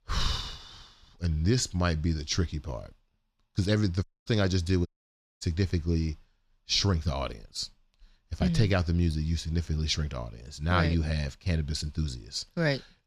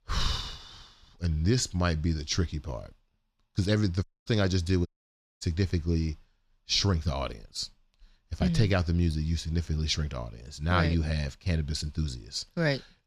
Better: neither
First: audio cutting out; at 4 s and at 5 s for 0.5 s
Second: audio cutting out; at 4 s and at 5 s for 0.5 s

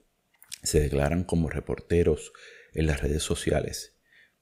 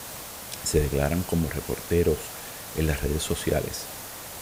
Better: first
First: none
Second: hiss; loud; throughout; 9 dB below the speech

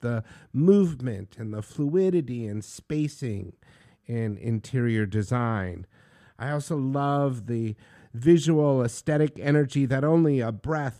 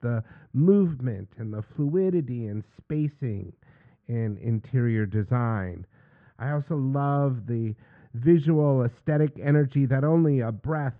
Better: first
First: none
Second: muffled; very; fading above 2 kHz

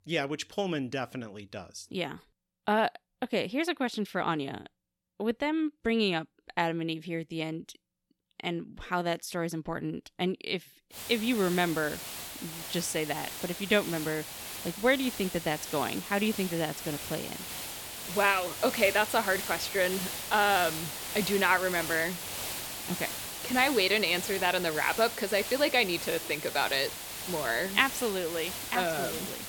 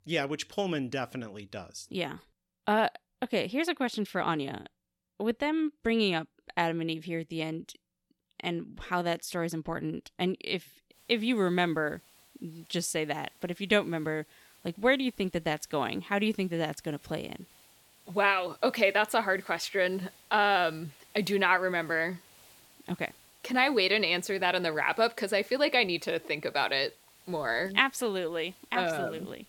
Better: second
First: hiss; loud; from 11 s on; 7 dB below the speech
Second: hiss; faint; from 11 s on; 25 dB below the speech

